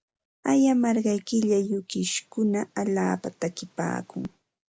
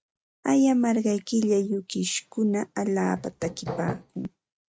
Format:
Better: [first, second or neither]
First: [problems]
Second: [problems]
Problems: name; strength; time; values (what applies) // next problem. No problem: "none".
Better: first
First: none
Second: noise reduction (neural mask model RNNoise)